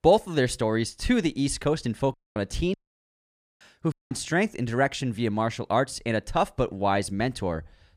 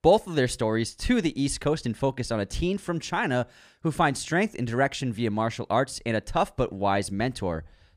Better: second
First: audio cutting out; at 2 s, at 2.5 s for 1 s and at 4 s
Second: none

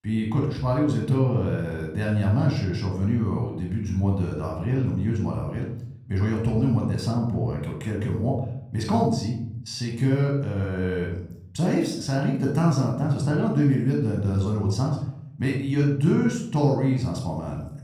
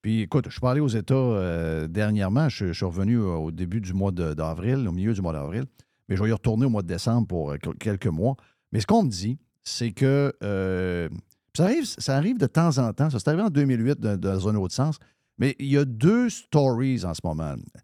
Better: second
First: off-mic speech; somewhat distant // room echo; noticeable; dies away in 0.7 s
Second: none

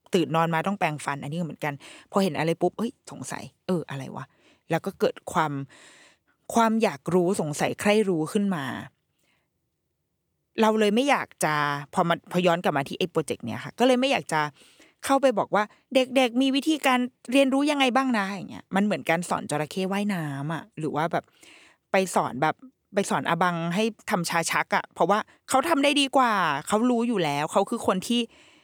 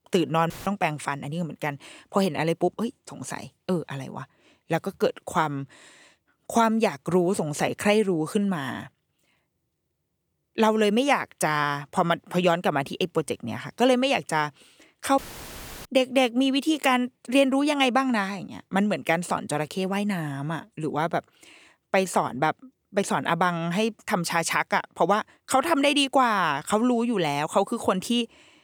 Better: first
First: none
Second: audio cutting out; filled with static; at 0.5 s and at 15 s for 0.5 s

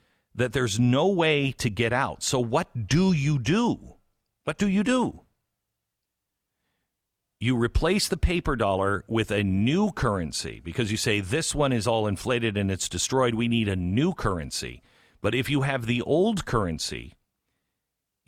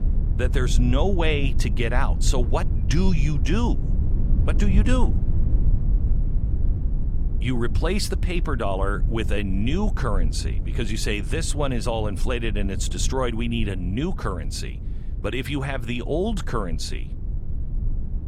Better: first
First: none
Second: low rumble; noticeable; throughout; 15 dB below the speech

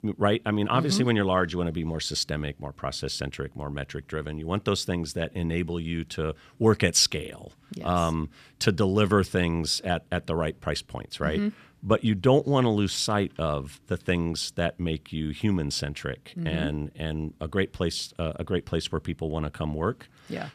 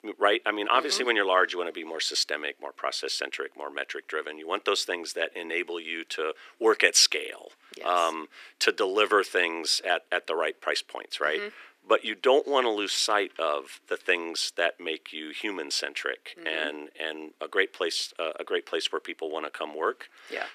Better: first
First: none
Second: thin; very; fading below 350 Hz

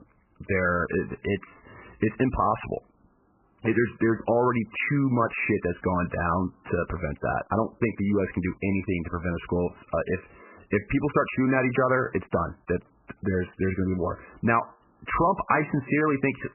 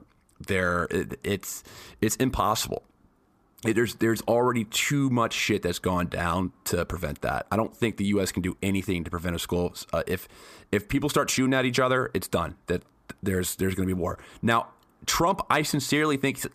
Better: second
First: garbled, watery; badly; nothing above 2.5 kHz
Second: none

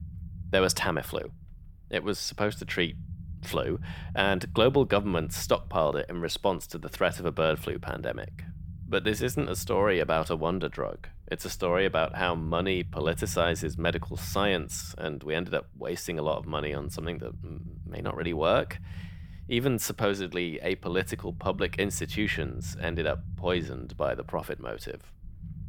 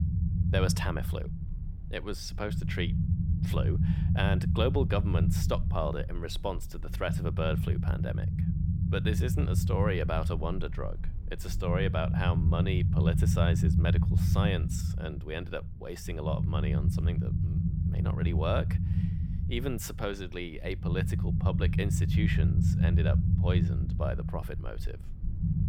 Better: first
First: low rumble; faint; throughout; 25 dB below the speech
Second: low rumble; loud; throughout; 5 dB below the speech

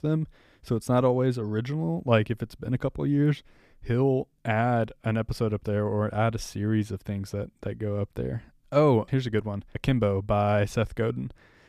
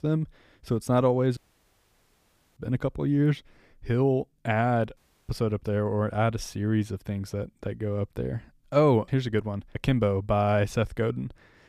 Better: first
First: none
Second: audio cutting out; at 1.5 s for 1 s and at 5 s

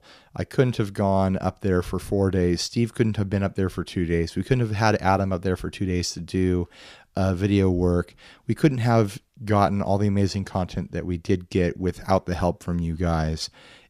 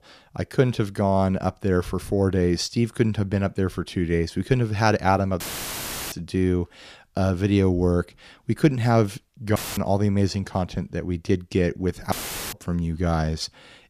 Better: first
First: none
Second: audio cutting out; filled with static; at 5.5 s for 0.5 s, at 9.5 s and at 12 s

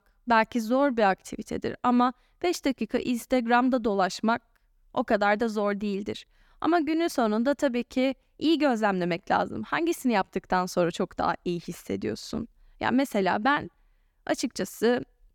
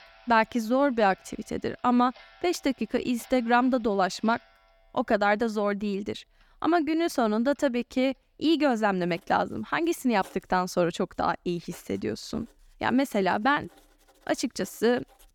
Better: first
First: none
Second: household noises; faint; throughout; 30 dB below the speech

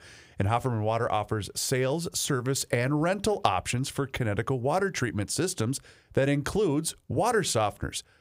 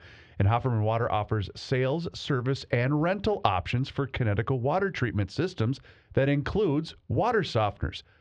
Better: first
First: none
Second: muffled; slightly; fading above 4 kHz

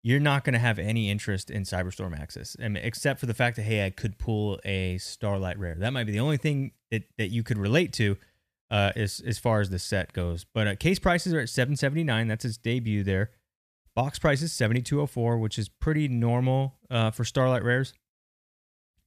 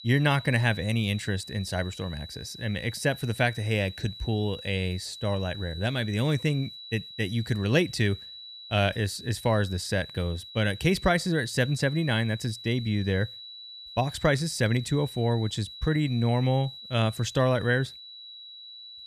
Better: first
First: none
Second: high-pitched whine; noticeable; throughout; 4 kHz, 15 dB below the speech

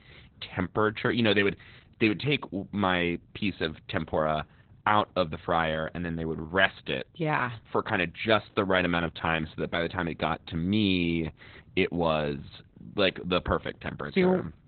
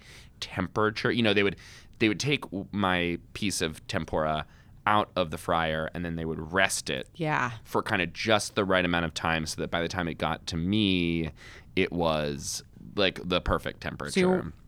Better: second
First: garbled, watery; badly; nothing above 4 kHz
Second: none

